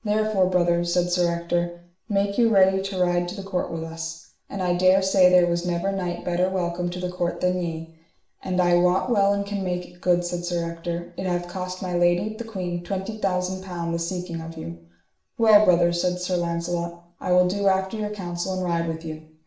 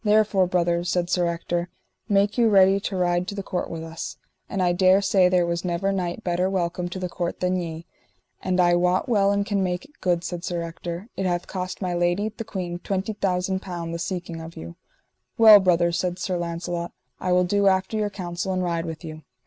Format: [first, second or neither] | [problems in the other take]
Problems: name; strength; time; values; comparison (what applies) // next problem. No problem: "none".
second | room echo; dies away in 0.5 s